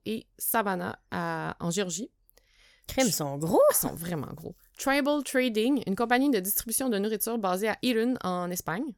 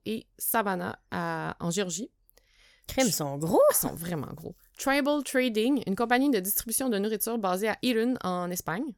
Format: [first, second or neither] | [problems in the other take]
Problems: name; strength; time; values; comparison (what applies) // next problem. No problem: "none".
neither | none